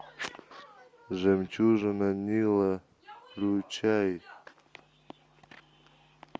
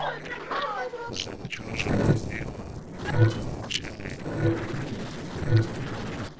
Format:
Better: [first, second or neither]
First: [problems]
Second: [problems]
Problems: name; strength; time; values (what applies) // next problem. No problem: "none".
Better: first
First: none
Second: noise reduction (neural separator model SepFormer DNS4)